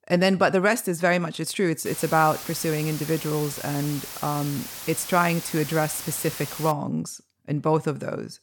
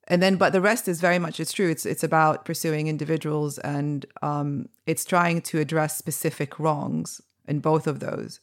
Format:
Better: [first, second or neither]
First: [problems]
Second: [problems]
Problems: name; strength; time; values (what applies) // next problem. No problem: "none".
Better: second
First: hiss; loud; from 2 to 6.5 s; 10 dB below the speech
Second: none